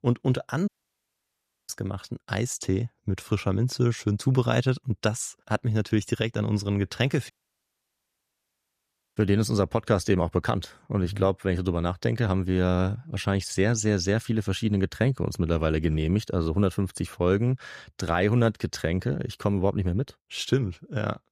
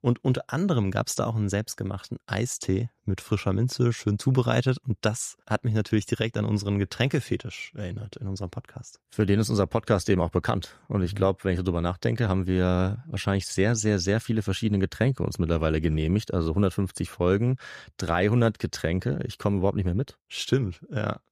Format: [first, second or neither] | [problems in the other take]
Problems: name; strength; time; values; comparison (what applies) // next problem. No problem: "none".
second | audio cutting out; at 0.5 s for 1 s and at 7.5 s for 2 s